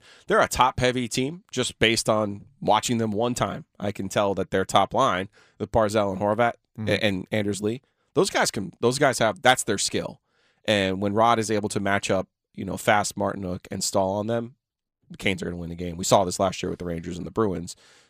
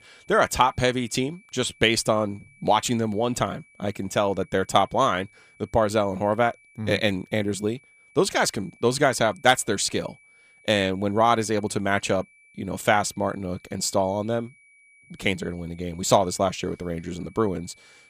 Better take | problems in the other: first | high-pitched whine; faint; throughout; 2.5 kHz, 30 dB below the speech

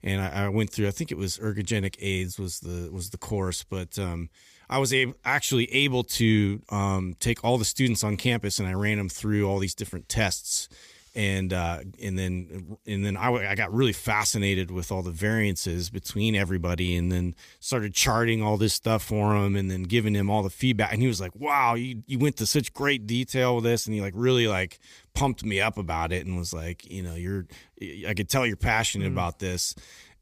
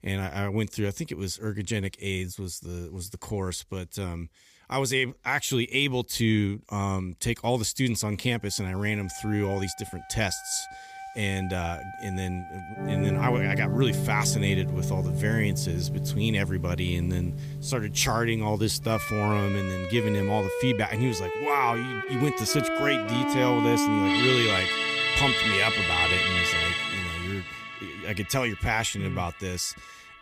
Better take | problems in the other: first | background music; very loud; from 9 s on; 1 dB above the speech

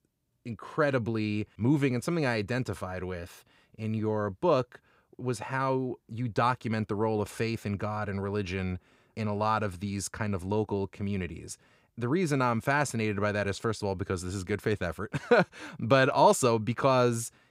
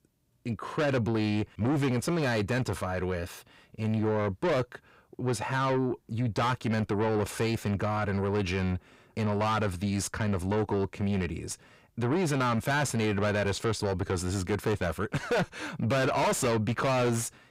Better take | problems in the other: first | distortion; heavy; 6 dB below the speech

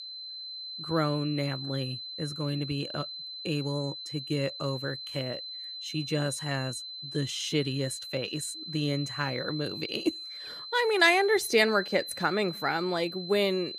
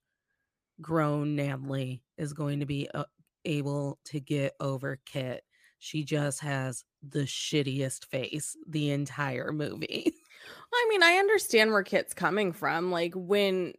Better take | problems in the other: second | high-pitched whine; loud; throughout; 4 kHz, 8 dB below the speech

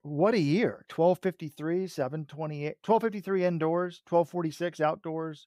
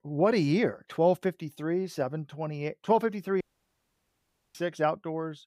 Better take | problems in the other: first | audio cutting out; at 3.5 s for 1 s

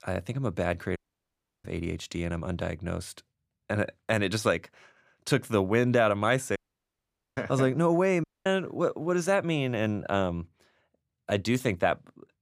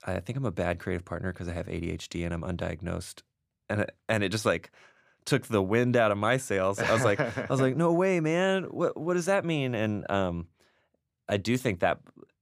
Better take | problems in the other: second | audio cutting out; at 1 s for 0.5 s, at 6.5 s for 1 s and at 8 s

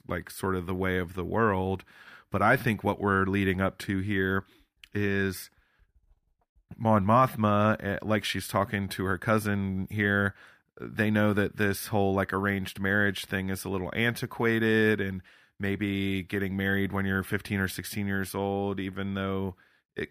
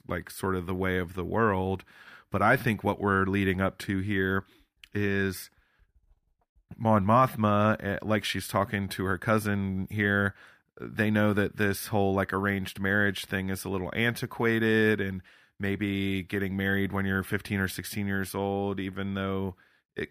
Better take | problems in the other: neither | none

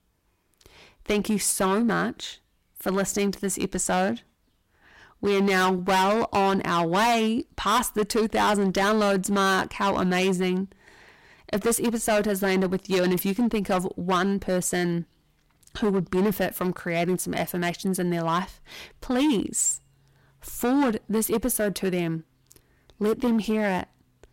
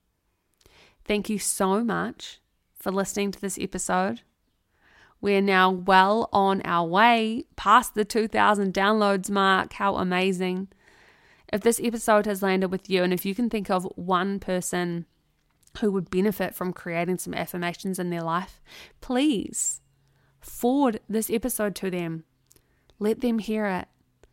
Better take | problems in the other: second | distortion; heavy; 11% of the sound clipped

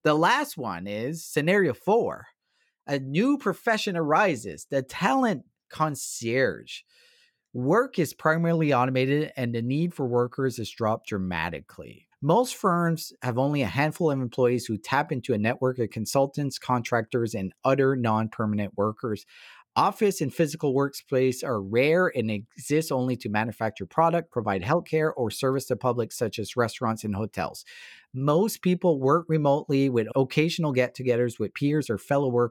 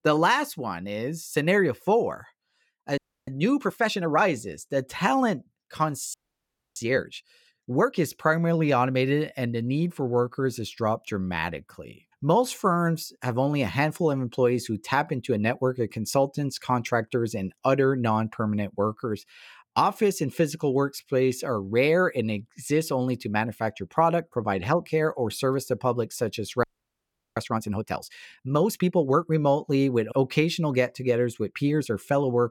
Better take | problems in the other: first | audio freezing; at 3 s, at 6 s for 0.5 s and at 27 s for 0.5 s

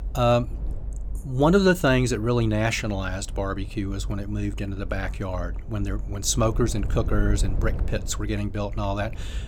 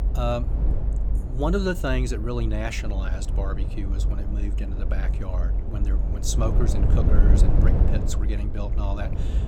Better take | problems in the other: first | low rumble; loud; throughout; 6 dB below the speech; faint in the first

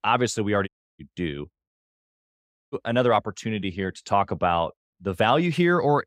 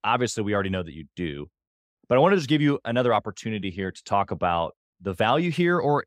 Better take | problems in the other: second | audio cutting out; at 0.5 s and at 2 s for 1 s

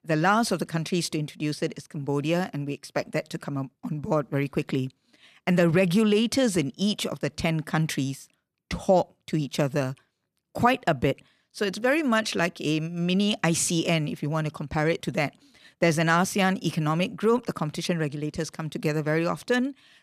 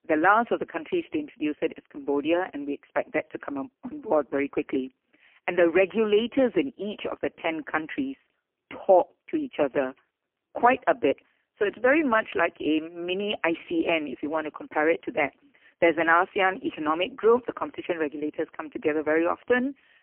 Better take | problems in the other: first | phone-call audio; poor line; nothing above 3 kHz

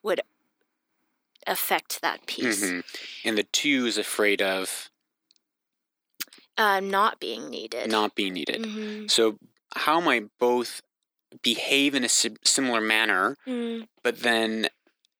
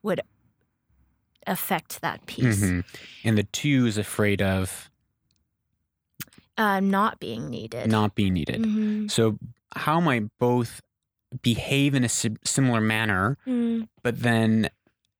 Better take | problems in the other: second | thin; somewhat; fading below 300 Hz

